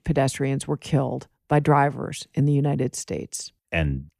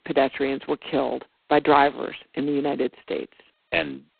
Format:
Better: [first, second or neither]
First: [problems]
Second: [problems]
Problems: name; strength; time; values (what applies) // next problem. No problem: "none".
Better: first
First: none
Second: phone-call audio; poor line; nothing above 4 kHz